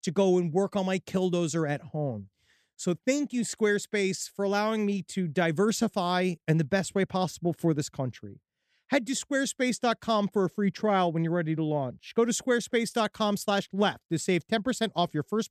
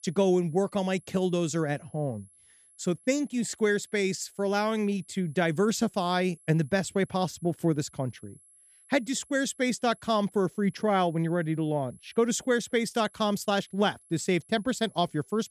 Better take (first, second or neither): first